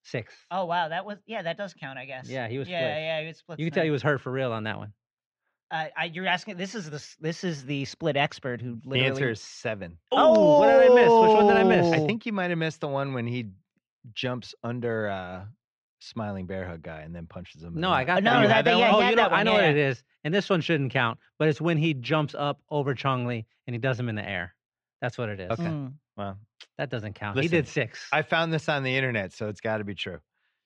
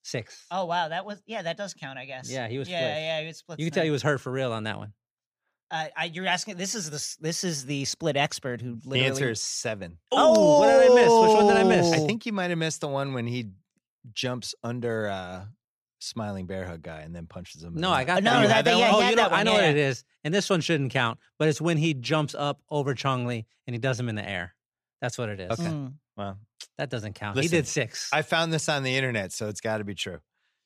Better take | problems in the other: second | muffled; slightly; fading above 2.5 kHz

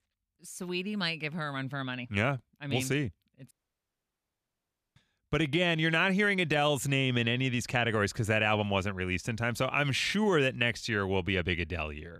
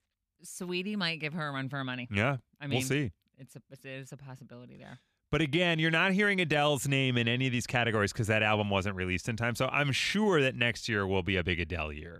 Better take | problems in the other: second | audio cutting out; at 3.5 s for 1.5 s

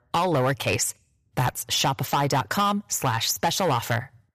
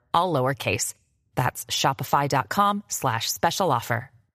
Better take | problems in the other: second | distortion; heavy; 8% of the sound clipped

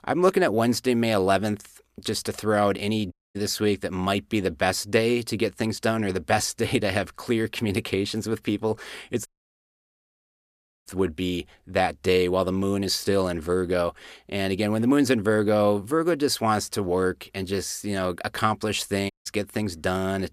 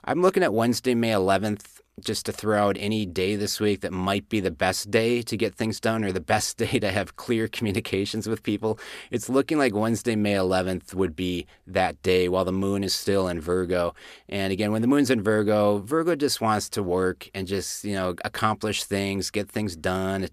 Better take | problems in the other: second | audio cutting out; at 3 s, at 9.5 s for 1.5 s and at 19 s

